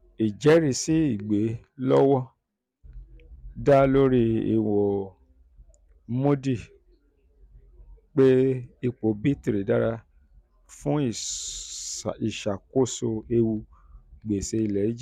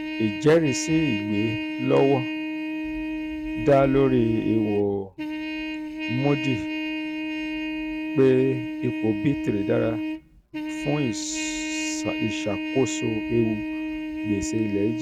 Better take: first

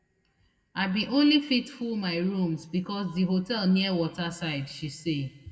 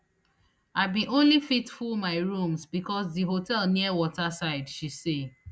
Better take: second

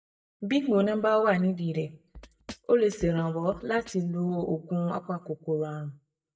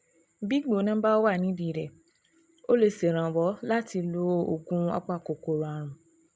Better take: second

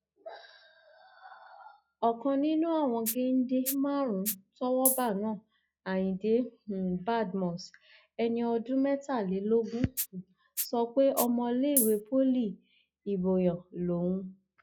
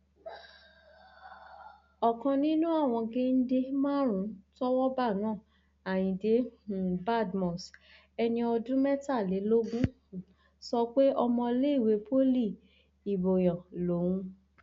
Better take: second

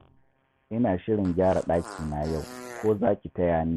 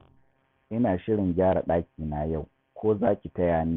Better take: second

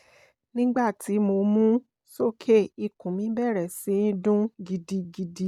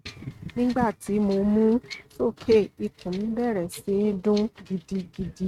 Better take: first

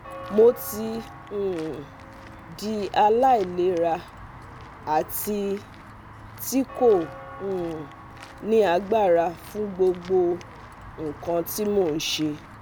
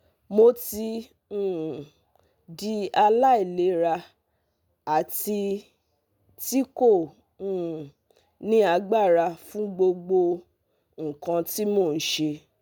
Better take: second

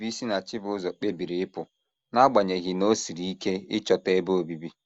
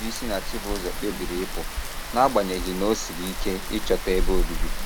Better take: first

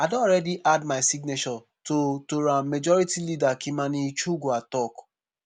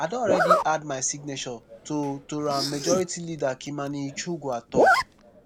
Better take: first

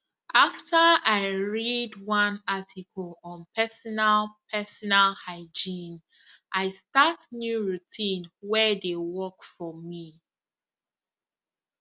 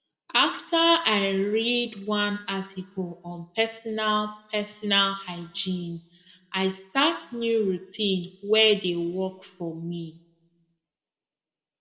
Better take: first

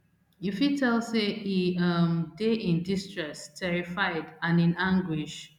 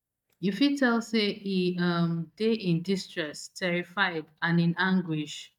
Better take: first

